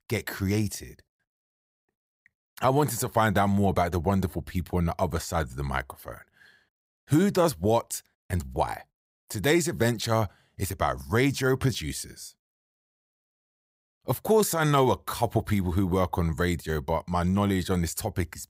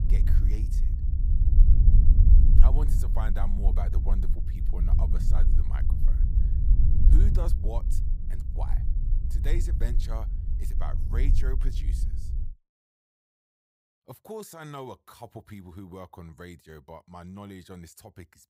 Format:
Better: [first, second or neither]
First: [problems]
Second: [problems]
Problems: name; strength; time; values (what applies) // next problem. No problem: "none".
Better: first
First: none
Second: low rumble; loud; until 12 s; 3 dB below the speech